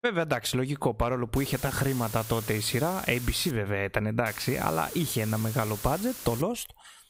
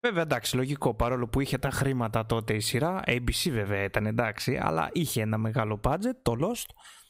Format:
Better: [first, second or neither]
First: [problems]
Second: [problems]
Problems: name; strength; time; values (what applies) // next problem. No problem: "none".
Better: second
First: hiss; noticeable; from 1.5 to 3.5 s and from 4.5 to 6.5 s; 10 dB below the speech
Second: none